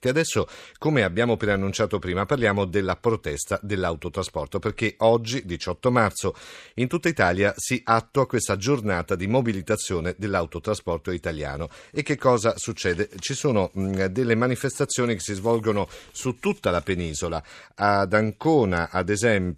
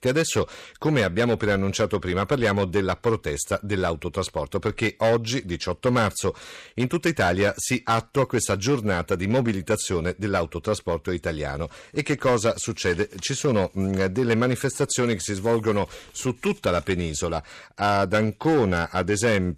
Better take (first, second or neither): first